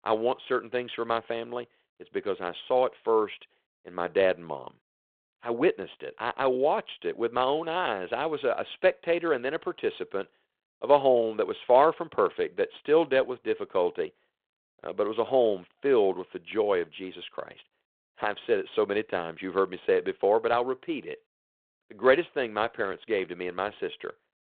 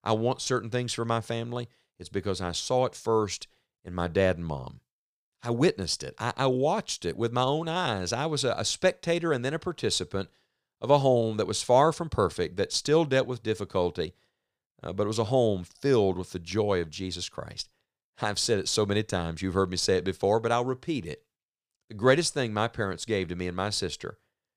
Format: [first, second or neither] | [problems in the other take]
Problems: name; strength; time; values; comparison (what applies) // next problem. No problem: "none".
second | phone-call audio; nothing above 3.5 kHz